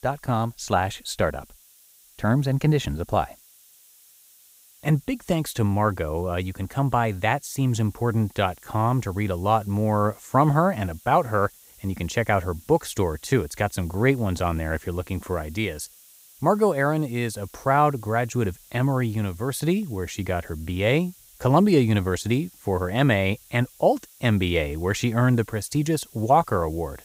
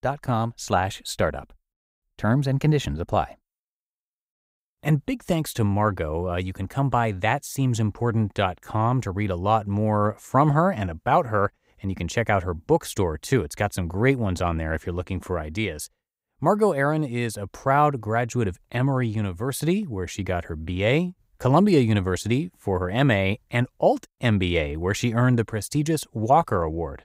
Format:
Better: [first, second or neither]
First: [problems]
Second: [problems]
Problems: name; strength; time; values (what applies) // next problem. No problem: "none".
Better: second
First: hiss; faint; throughout; 25 dB below the speech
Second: none